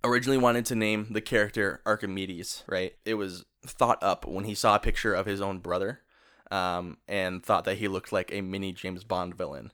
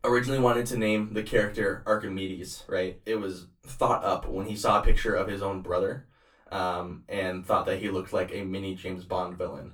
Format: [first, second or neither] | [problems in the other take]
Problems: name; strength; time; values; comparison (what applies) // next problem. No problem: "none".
first | off-mic speech; far // room echo; very slight; dies away in 0.2 s